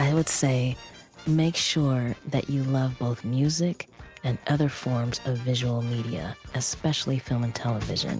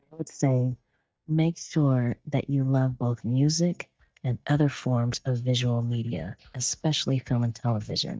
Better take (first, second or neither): first